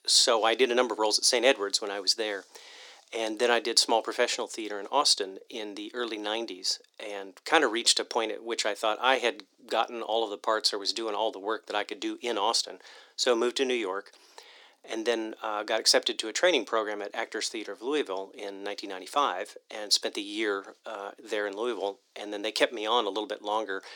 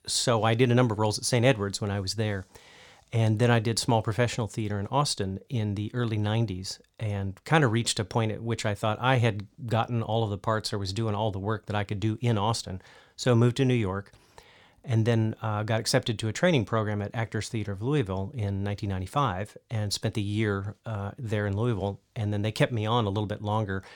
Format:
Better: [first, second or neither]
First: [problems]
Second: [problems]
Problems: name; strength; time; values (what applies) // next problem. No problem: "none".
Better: second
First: thin; very; fading below 300 Hz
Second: none